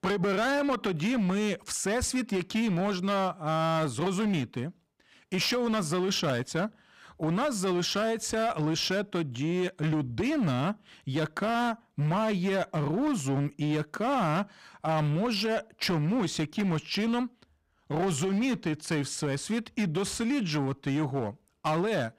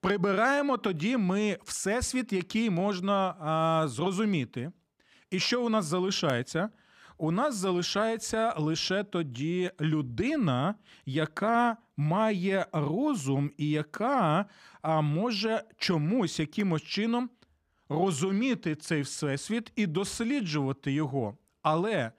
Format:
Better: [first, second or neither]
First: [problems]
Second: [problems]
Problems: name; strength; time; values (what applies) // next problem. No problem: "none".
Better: second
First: distortion; slight; 15% of the sound clipped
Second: none